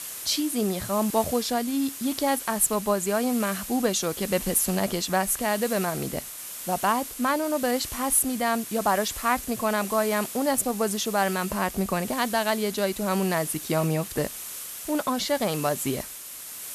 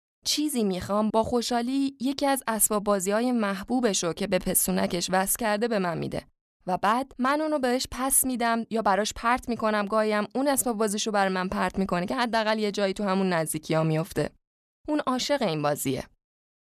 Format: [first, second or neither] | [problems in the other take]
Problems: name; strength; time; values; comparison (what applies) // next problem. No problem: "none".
second | hiss; loud; throughout; 9 dB below the speech